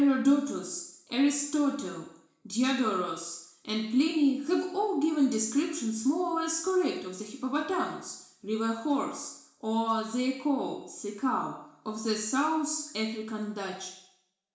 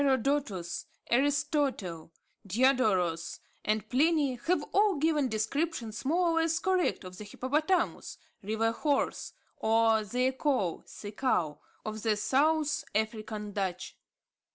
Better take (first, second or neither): second